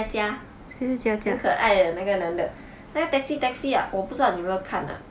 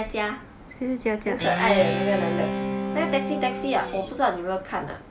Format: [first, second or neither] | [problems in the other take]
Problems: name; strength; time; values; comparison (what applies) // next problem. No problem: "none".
first | background sound (Guitar); 2 dB below the speech